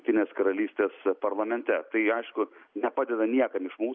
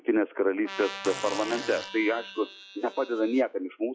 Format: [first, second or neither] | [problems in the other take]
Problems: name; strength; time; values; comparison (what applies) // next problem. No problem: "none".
first | noise reduction (classical method log-MMSE)